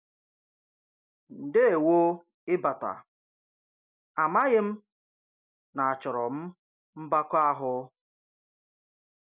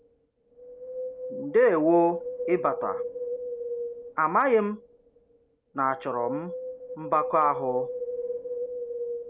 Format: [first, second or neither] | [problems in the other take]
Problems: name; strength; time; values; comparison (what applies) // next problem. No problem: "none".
first | background sound (Wind); 7 dB below the speech